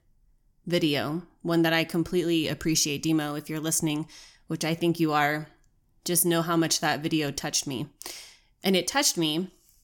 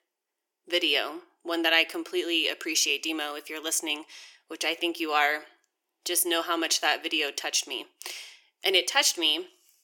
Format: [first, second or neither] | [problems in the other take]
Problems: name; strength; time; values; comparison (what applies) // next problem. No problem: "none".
first | thin; very; fading below 350 Hz